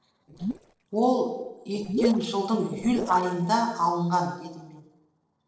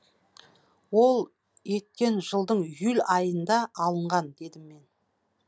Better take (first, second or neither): second